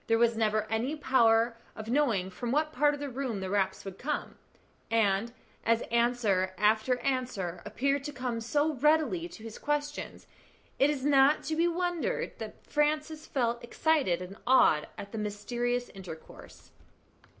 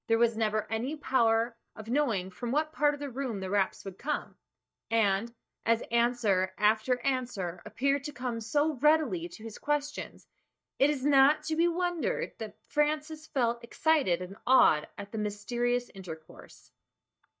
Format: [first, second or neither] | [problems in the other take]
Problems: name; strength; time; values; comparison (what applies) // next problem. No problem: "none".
first | noise reduction (neural mask model DeepFilterNet 3)